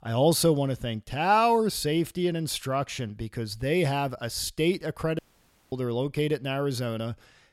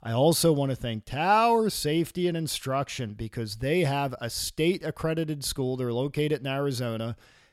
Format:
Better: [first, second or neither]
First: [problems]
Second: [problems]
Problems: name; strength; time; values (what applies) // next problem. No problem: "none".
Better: second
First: audio cutting out; at 5 s for 0.5 s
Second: none